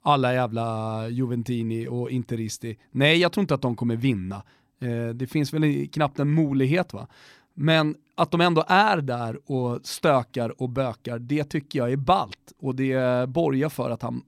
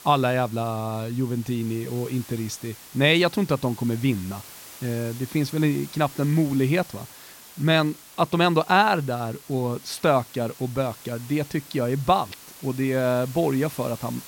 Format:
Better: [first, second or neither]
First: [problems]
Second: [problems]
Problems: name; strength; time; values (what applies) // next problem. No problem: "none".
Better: first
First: none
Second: hiss; noticeable; throughout; 20 dB below the speech